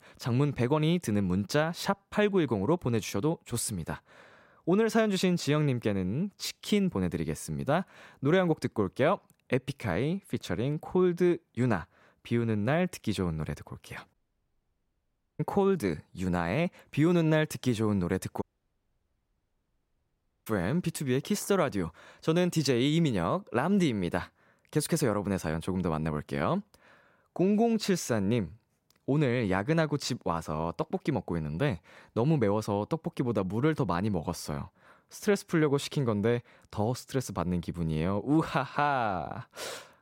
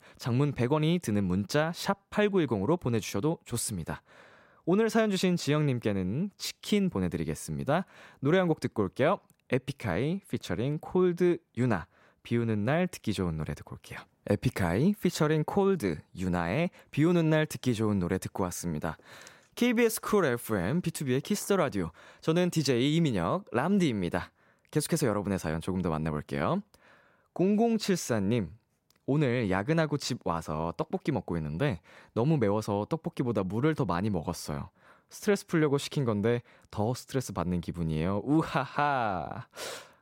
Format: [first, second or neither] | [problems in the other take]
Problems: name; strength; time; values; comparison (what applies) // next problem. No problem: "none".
second | audio cutting out; at 14 s for 1.5 s and at 18 s for 2 s